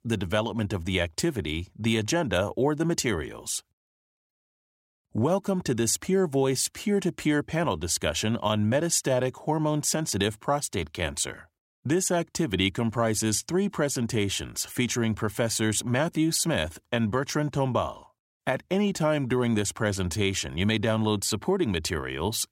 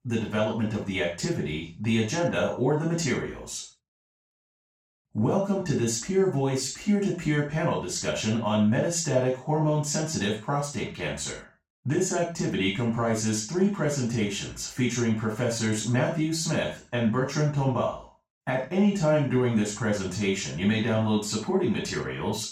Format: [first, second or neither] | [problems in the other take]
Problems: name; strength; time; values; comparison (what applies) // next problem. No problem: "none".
first | room echo; noticeable; dies away in 0.3 s // off-mic speech; far